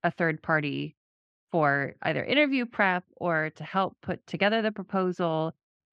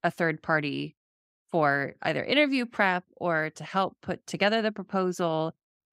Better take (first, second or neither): second